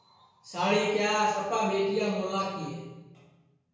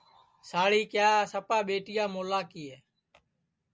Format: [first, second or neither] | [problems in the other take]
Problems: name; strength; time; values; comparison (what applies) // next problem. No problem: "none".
second | room echo; dies away in 1 s